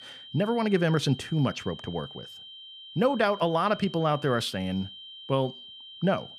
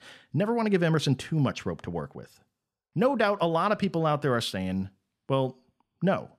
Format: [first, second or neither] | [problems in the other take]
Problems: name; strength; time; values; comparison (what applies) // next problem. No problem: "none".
second | high-pitched whine; noticeable; throughout; 3 kHz, 15 dB below the speech